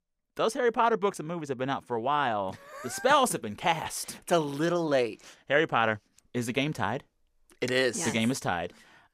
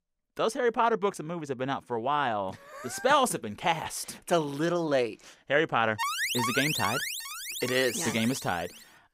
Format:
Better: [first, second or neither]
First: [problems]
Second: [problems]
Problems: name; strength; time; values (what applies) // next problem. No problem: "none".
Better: first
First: none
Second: alarm; loud; from 6 to 8.5 s; peak 1 dB above the speech